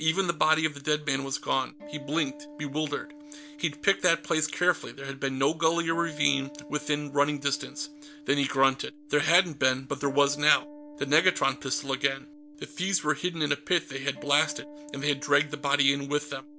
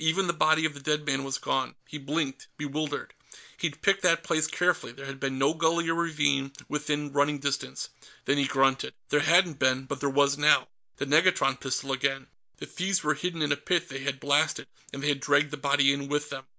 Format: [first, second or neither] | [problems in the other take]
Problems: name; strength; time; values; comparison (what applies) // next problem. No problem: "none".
second | background sound (Acoustic guitar); 18 dB below the speech